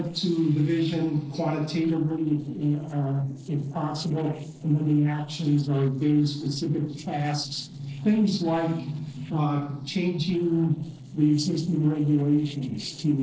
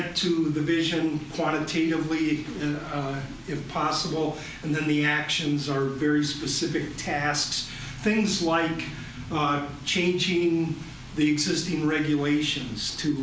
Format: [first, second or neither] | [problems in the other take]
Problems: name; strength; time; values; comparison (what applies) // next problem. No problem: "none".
second | noise reduction (neural separator model SepFormer DNS4)